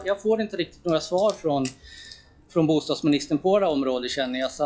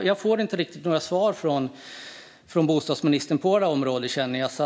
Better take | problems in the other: second | noise reduction (classical method log-MMSE)

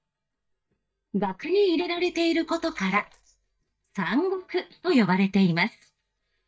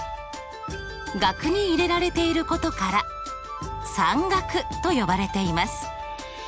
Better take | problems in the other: second | noise reduction (neural mask model DeepFilterNet 3)

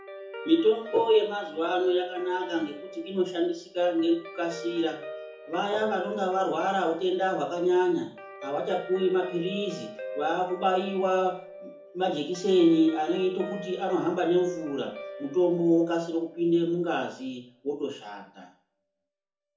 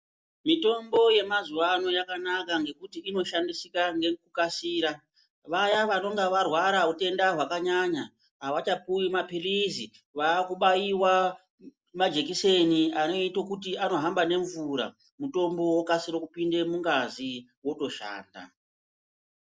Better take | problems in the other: second | background sound (Guitar); 14 dB below the speech // room echo; dies away in 0.5 s

